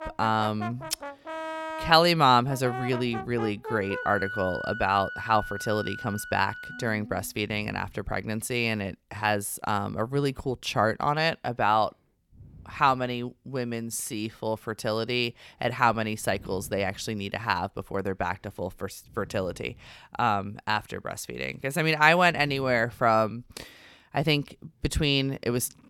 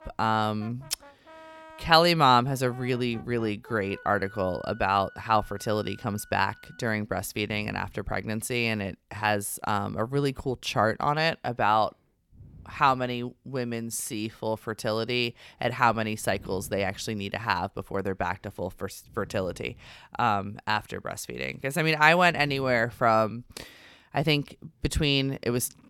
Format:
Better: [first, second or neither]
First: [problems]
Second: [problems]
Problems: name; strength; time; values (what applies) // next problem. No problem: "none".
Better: second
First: background music; loud; until 7.5 s; 10 dB below the speech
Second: background music; faint; until 7.5 s; 25 dB below the speech